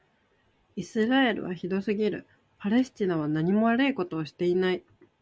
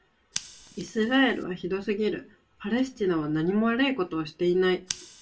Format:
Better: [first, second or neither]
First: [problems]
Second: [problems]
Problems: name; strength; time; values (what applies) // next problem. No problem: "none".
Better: first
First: none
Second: background sound (Scissors); 18 dB below the speech // room echo; dies away in 0.2 s